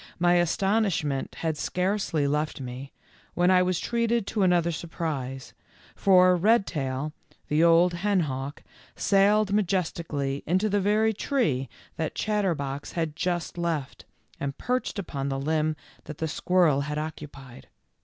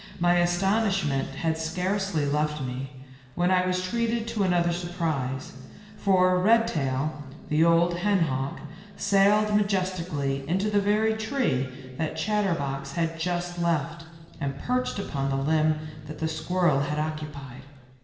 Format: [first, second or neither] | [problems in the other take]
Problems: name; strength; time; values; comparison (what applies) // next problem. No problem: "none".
first | background sound (Growling); 19 dB below the speech // room echo; dies away in 1.4 s